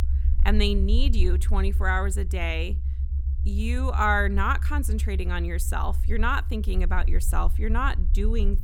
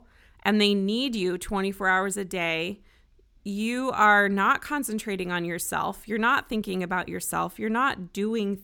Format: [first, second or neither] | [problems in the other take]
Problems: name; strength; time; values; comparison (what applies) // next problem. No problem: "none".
second | low rumble; noticeable; throughout; 20 dB below the speech